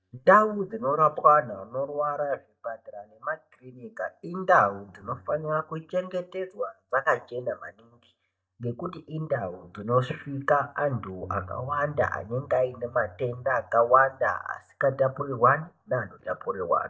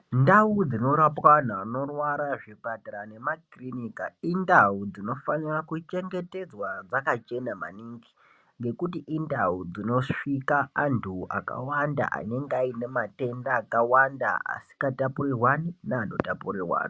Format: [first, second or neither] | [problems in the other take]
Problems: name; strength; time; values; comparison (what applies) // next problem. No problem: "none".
second | noise reduction (neural mask model DeepFilterNet 3)